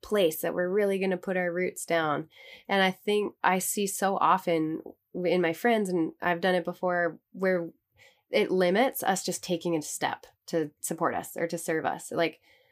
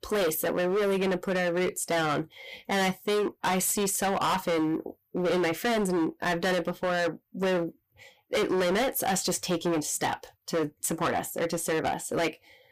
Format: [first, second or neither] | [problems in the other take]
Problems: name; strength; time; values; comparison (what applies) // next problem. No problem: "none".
first | distortion; heavy; 22% of the sound clipped